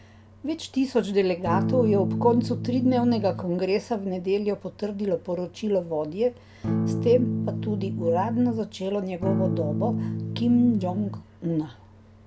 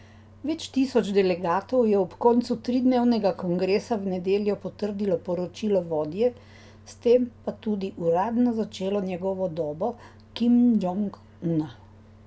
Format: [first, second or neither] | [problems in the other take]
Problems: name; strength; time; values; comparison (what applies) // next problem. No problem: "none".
second | background sound (Electric guitar / Strum); 2 dB below the speech